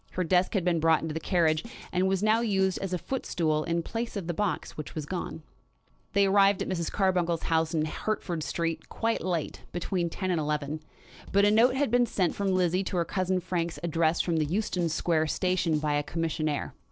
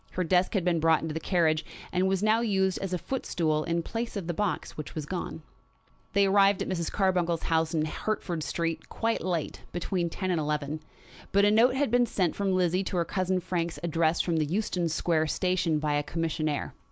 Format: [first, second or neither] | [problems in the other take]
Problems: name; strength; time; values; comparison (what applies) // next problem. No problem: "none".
second | noise reduction (neural separator model SepFormer DNS4)